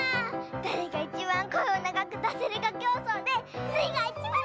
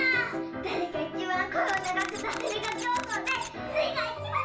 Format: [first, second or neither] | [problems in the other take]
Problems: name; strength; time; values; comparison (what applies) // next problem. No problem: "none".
first | background sound (Camera); 14 dB below the speech // room echo; dies away in 0.4 s